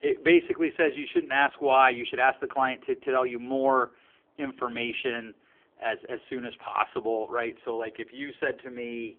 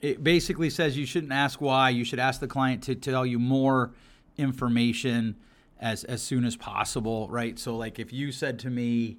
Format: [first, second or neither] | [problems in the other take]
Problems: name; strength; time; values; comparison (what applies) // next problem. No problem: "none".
second | phone-call audio; poor line; nothing above 3.5 kHz